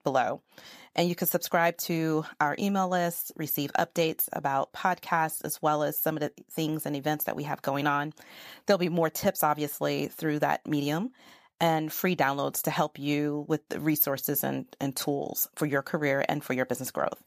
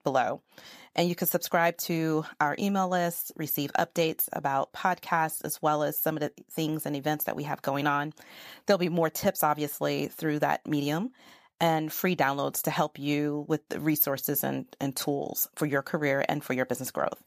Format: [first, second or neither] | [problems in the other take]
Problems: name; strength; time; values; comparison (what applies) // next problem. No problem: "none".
neither | none